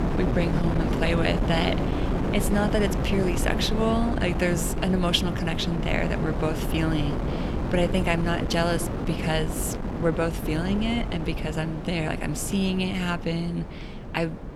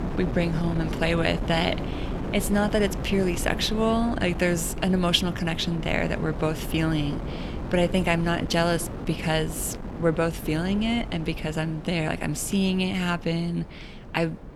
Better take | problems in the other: second | wind noise on the microphone; heavy; 5 dB below the speech; occasional gusts in the second

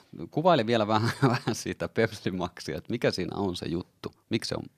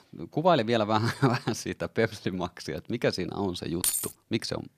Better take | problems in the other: first | jangling keys; loud; at 4 s; peak 2 dB above the speech

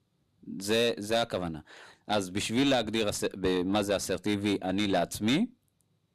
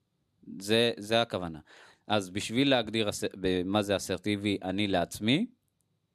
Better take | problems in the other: second | distortion; heavy; 7 dB below the speech

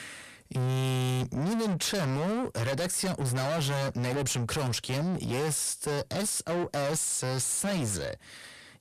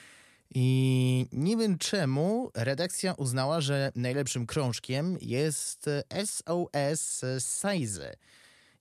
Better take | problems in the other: second | distortion; heavy; 6 dB below the speech

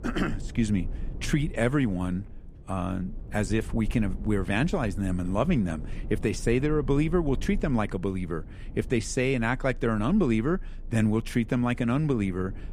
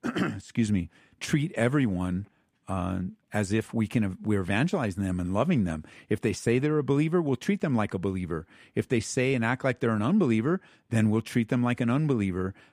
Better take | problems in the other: second | low rumble; faint; throughout; 20 dB below the speech

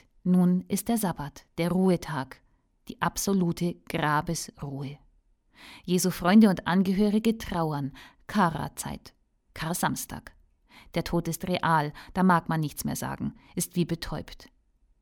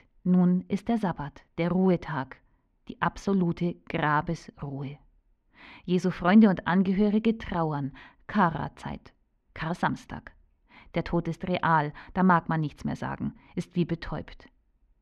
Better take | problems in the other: first | muffled; slightly; fading above 2.5 kHz

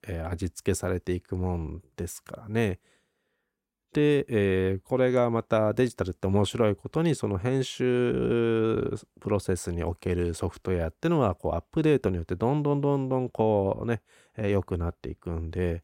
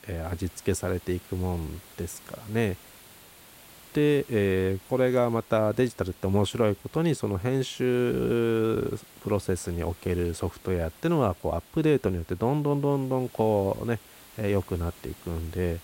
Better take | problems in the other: first | hiss; faint; throughout; 20 dB below the speech

